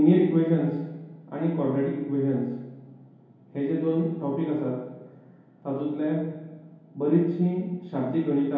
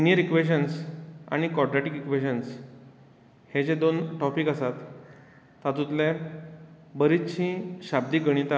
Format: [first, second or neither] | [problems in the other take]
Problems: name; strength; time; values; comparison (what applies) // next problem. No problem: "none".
second | room echo; dies away in 0.8 s